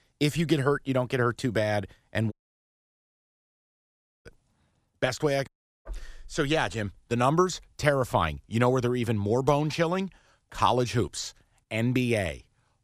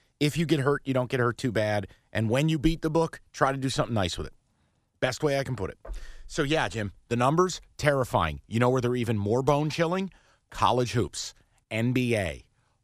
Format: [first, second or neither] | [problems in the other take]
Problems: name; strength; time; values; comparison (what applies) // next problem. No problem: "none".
second | audio cutting out; at 2.5 s for 2 s and at 5.5 s